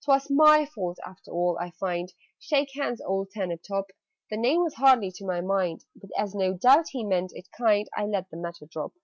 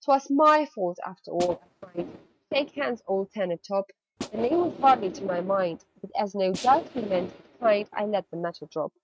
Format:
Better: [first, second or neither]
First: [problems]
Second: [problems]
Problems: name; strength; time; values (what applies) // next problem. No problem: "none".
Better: first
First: none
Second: noise reduction (neural mask model RNNoise)